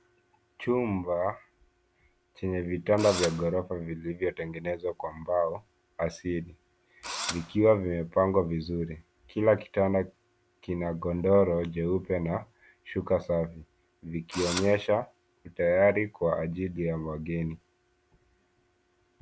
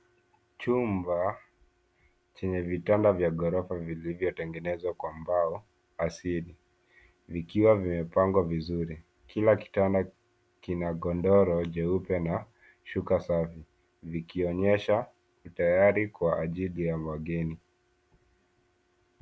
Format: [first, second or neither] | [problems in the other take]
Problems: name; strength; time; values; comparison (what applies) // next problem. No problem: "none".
second | background sound (Engine / Drill); 7 dB below the speech